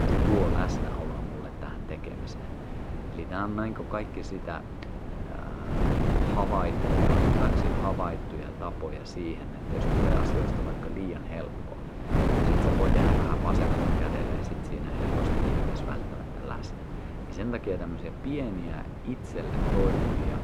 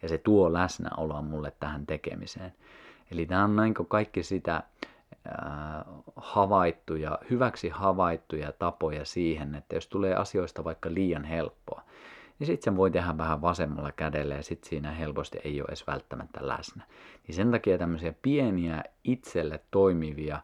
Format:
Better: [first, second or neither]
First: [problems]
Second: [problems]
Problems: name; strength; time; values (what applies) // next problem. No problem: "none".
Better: second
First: wind noise on the microphone; heavy; 2 dB above the speech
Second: none